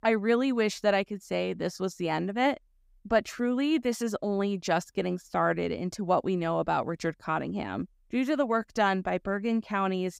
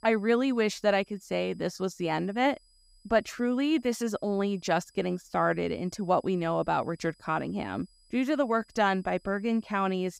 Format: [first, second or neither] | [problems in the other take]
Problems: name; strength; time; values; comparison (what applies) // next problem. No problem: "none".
first | high-pitched whine; faint; throughout; 5 kHz, 35 dB below the speech